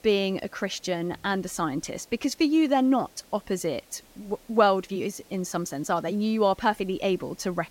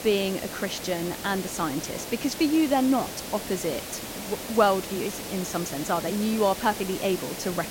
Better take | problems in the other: first | hiss; loud; throughout; 8 dB below the speech; faint in the first

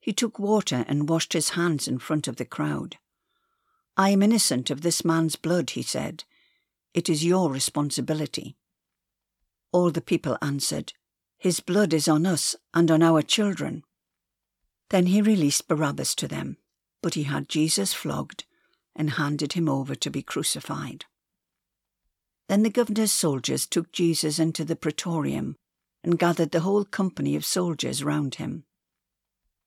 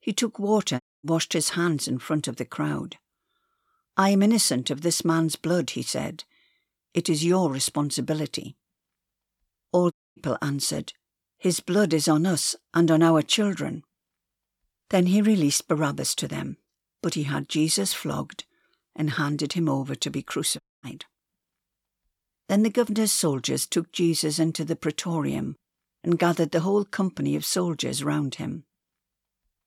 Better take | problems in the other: first | audio cutting out; at 1 s, at 10 s and at 21 s

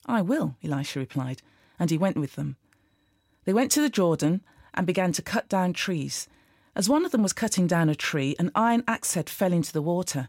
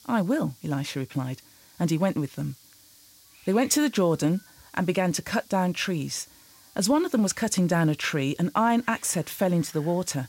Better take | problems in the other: first | hiss; faint; throughout; 25 dB below the speech

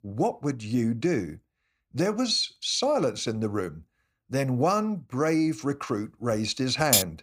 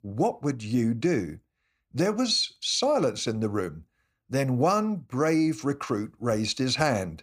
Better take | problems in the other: second | clattering dishes; very faint; at 7 s; peak 5 dB above the speech

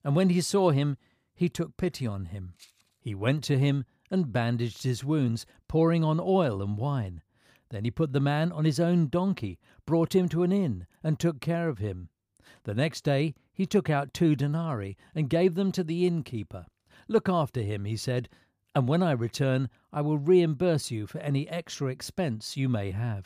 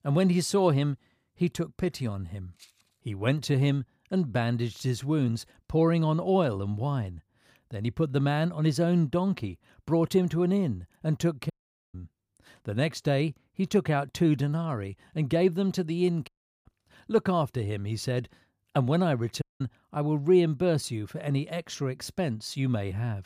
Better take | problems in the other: first | audio cutting out; at 12 s, at 16 s and at 19 s

